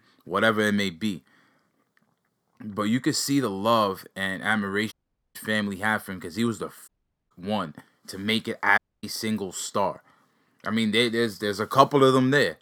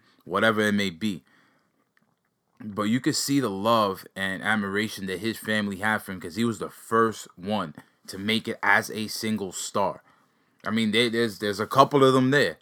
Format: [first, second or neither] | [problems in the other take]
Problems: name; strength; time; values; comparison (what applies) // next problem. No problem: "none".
second | audio cutting out; at 5 s, at 7 s and at 9 s